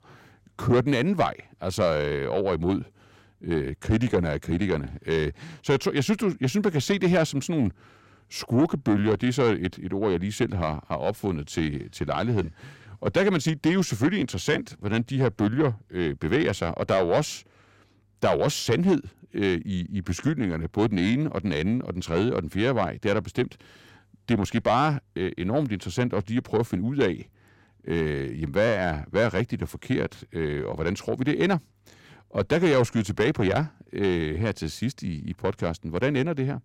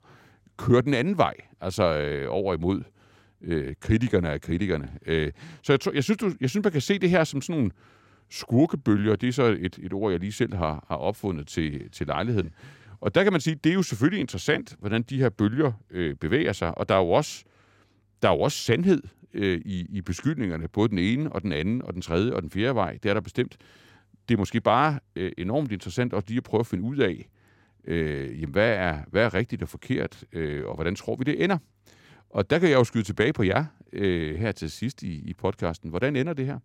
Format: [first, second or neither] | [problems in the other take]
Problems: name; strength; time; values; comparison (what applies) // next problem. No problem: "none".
second | distortion; slight; 10 dB below the speech